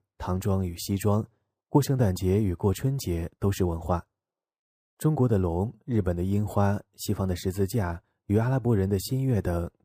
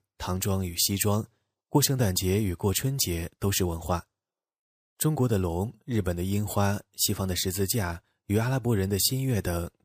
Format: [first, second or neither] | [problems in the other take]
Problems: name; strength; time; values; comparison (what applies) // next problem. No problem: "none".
second | muffled; slightly; fading above 2 kHz